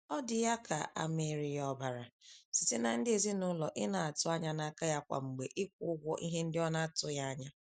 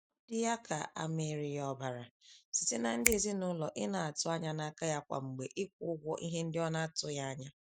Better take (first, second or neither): first